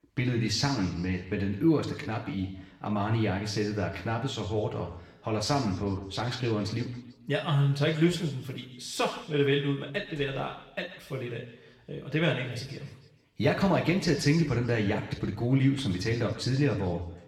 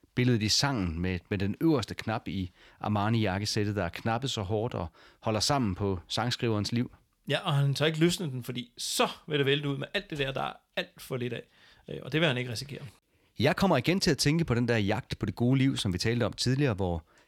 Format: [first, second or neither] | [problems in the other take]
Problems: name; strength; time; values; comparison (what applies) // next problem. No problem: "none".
second | room echo; noticeable; dies away in 1 s // off-mic speech; far